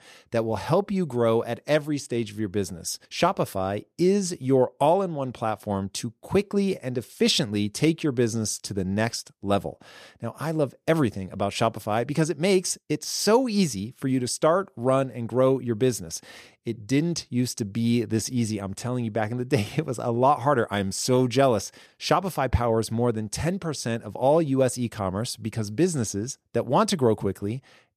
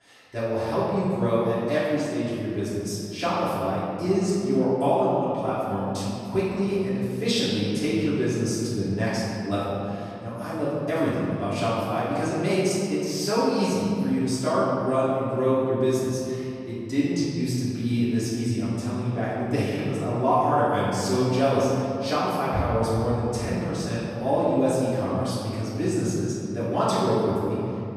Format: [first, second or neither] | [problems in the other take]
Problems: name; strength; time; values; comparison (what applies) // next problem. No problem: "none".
first | off-mic speech; far // room echo; strong; dies away in 2.5 s